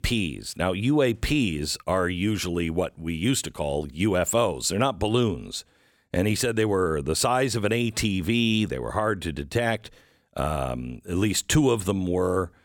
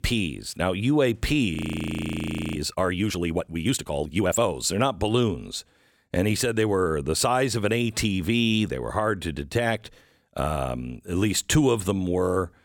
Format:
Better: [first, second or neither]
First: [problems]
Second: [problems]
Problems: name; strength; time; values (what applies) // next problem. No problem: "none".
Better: first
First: none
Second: audio freezing; at 1.5 s for 1 s